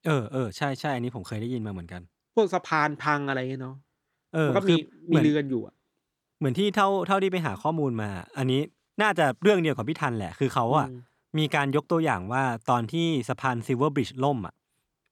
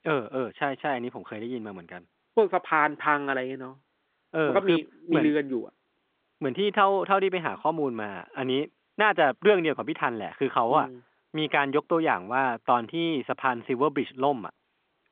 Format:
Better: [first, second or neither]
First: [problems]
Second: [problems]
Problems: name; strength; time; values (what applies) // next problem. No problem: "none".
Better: first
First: none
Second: phone-call audio; nothing above 3.5 kHz